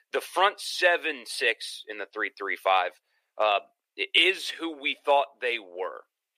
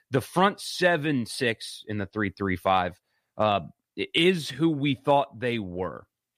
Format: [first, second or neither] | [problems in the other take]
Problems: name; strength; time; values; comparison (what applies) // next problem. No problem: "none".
second | thin; very; fading below 400 Hz